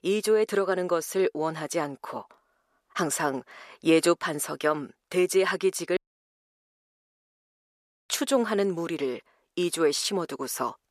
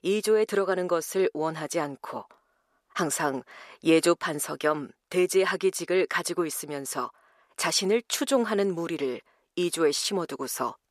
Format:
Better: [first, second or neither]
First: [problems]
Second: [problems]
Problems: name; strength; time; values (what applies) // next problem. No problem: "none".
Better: second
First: audio cutting out; at 6 s for 2 s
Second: none